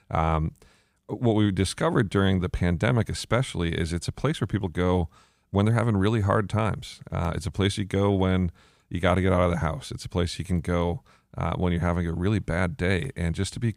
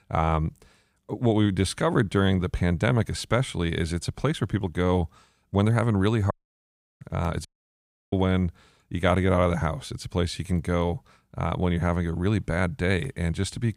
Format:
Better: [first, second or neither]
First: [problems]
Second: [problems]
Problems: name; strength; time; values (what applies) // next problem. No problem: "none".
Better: first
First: none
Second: audio cutting out; at 6.5 s for 0.5 s and at 7.5 s for 0.5 s